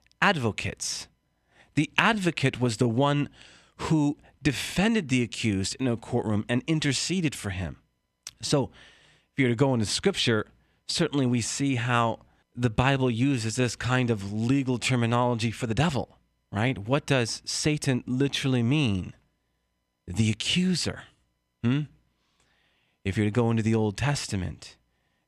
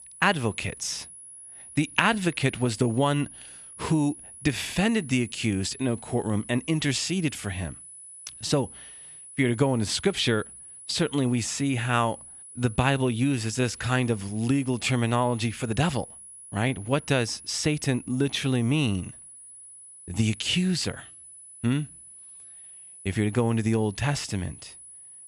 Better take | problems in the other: first | high-pitched whine; noticeable; throughout; 10 kHz, 15 dB below the speech

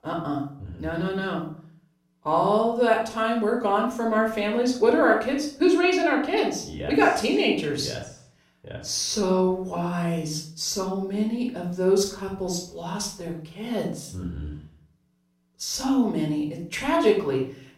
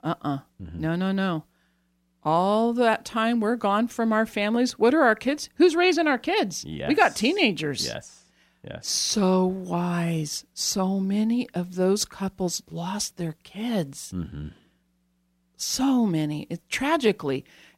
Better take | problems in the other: second | off-mic speech; somewhat distant // room echo; noticeable; dies away in 0.4 s

